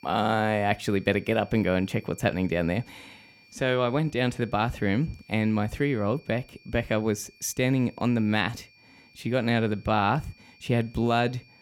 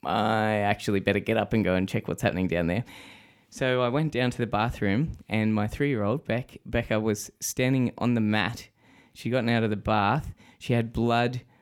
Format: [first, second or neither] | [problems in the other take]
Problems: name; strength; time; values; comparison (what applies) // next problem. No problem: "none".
second | high-pitched whine; faint; throughout; 2.5 kHz, 30 dB below the speech